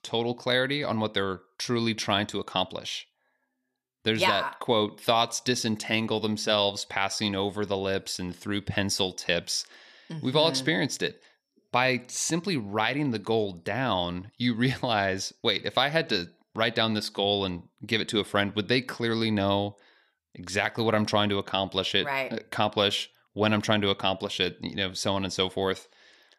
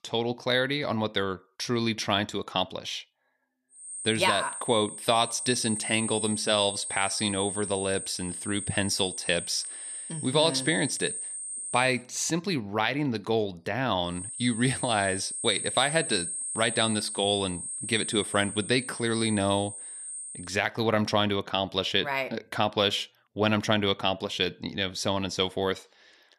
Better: first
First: none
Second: high-pitched whine; loud; from 4 to 12 s and from 14 to 20 s; 8.5 kHz, 6 dB below the speech

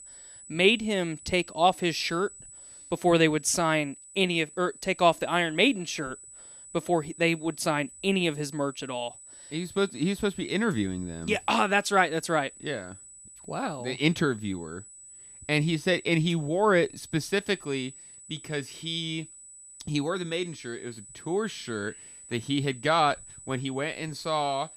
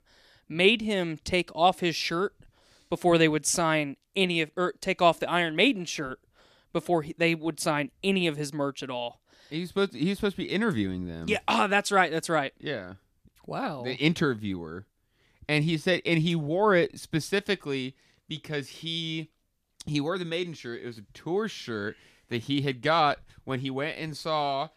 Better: second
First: high-pitched whine; noticeable; throughout; 8 kHz, 20 dB below the speech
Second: none

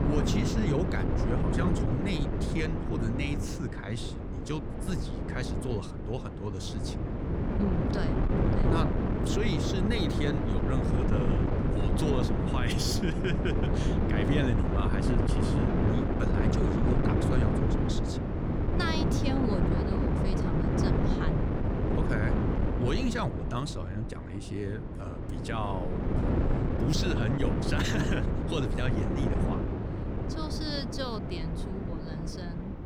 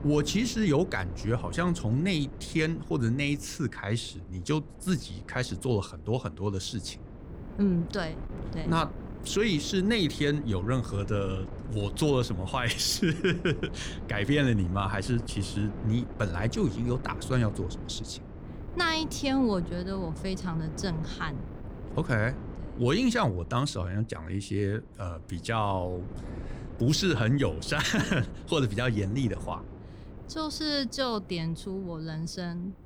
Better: second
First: wind noise on the microphone; heavy; 1 dB above the speech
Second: wind noise on the microphone; occasional gusts; 15 dB below the speech

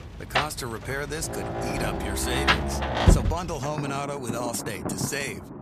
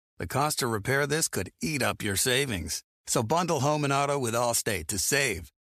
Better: second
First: rain or running water; very loud; throughout; 4 dB above the speech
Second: none

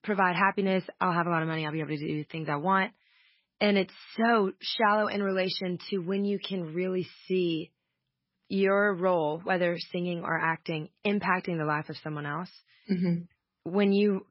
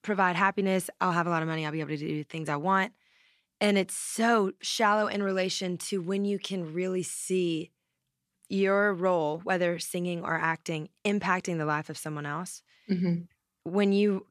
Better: second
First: garbled, watery; badly; nothing above 5.5 kHz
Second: none

